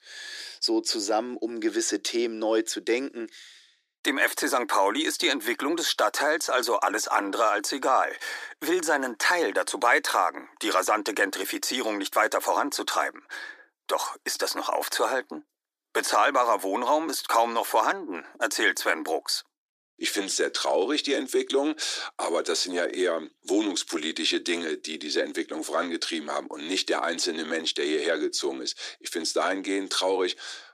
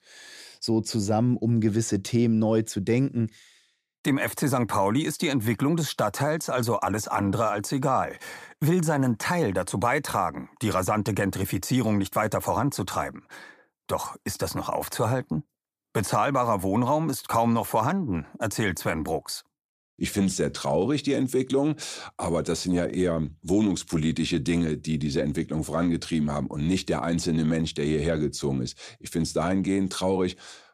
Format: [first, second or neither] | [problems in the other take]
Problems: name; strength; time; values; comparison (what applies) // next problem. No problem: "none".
second | thin; somewhat; fading below 300 Hz